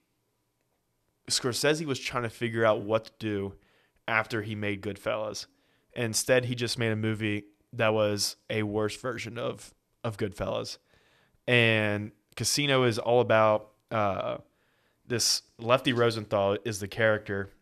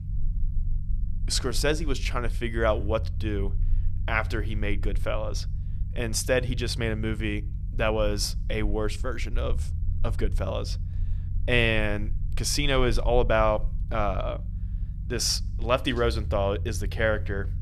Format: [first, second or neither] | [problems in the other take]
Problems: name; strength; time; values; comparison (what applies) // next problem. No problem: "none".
first | low rumble; faint; throughout; 20 dB below the speech